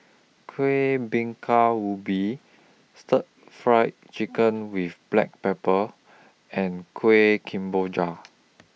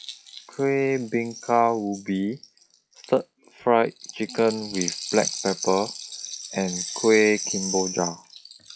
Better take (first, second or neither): first